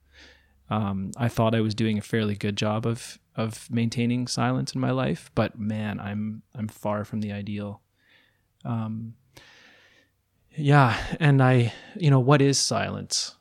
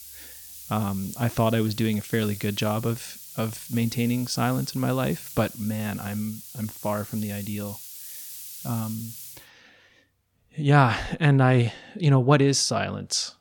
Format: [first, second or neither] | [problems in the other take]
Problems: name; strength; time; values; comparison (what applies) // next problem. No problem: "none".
first | hiss; noticeable; until 9.5 s; 15 dB below the speech